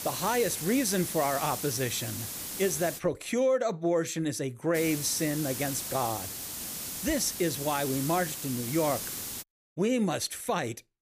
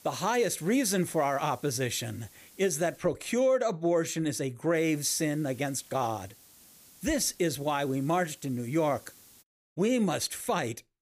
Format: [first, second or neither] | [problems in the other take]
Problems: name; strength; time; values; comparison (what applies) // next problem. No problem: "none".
second | hiss; loud; until 3 s and from 5 to 9.5 s; 5 dB below the speech; faint in the second